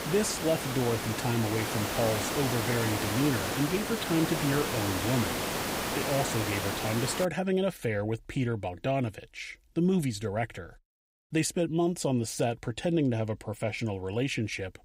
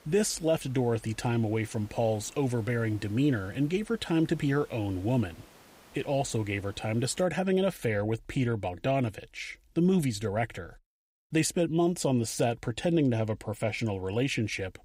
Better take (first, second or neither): second